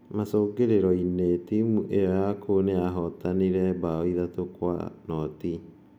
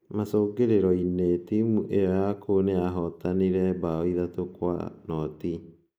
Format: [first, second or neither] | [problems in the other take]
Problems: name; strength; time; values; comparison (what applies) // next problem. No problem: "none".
first | noise reduction (neural mask model Resemble Enhance denoiser)